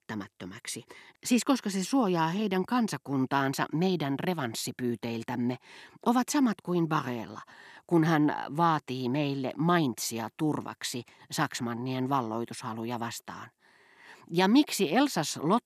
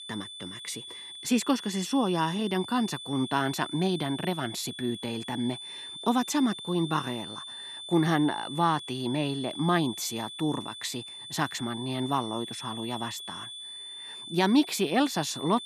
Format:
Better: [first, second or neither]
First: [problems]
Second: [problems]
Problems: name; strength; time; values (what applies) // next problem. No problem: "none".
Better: first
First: none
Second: high-pitched whine; loud; throughout; 3.5 kHz, 10 dB below the speech